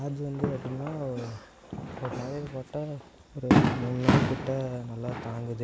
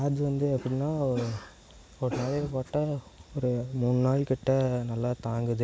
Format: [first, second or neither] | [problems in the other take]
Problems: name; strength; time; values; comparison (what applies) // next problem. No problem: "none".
second | background sound (Fireworks); 3 dB above the speech